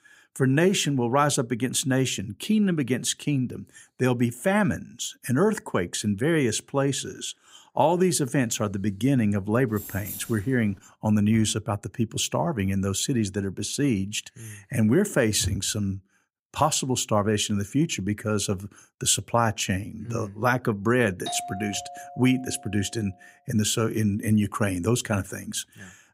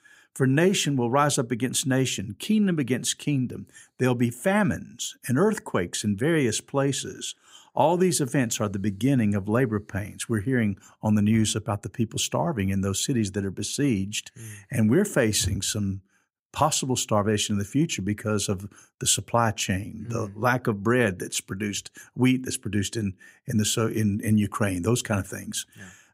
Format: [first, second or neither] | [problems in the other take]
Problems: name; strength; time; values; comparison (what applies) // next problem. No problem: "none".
second | jangling keys; noticeable; from 9.5 to 11 s; peak 10 dB below the speech // doorbell; noticeable; from 21 to 23 s; peak 9 dB below the speech